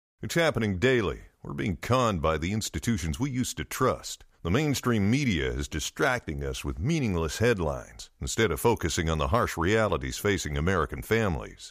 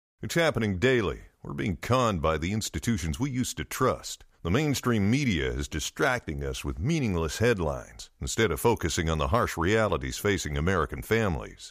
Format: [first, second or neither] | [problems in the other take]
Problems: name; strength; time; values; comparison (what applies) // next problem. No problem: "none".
neither | none